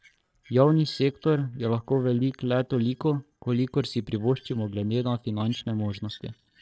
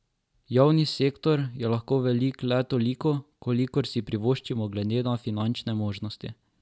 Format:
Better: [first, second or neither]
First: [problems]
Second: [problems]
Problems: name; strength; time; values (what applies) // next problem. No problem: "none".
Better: second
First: noise reduction (neural separator model SepFormer DNS4)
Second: none